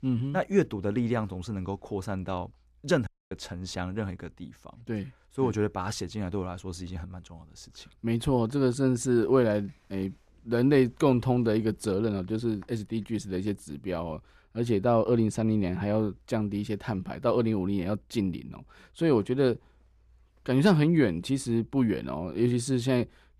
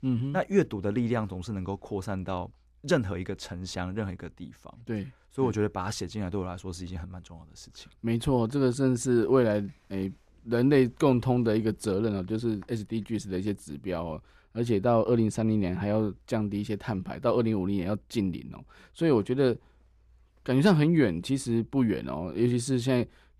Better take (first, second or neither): second